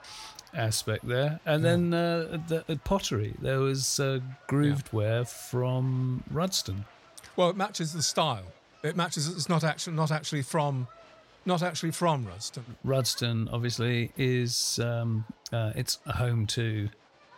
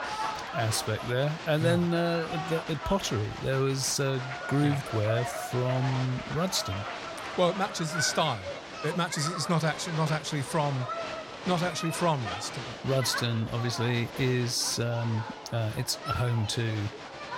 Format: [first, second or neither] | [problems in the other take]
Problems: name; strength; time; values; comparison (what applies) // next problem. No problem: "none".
first | crowd noise; loud; throughout; 7 dB below the speech; faint in the first